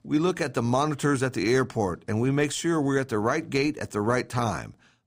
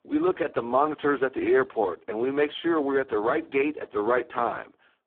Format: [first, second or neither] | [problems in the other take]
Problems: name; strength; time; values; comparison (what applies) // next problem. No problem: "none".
first | phone-call audio; poor line